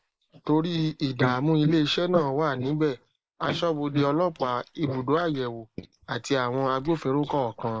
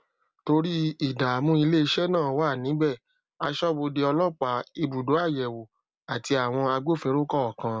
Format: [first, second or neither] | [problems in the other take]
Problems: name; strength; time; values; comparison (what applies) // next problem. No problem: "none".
second | noise reduction (neural mask model Resemble Enhance denoiser)